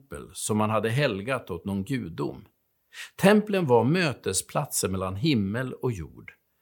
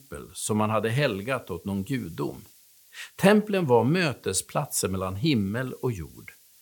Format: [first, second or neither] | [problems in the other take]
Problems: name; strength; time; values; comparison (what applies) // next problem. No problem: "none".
first | hiss; faint; throughout; 25 dB below the speech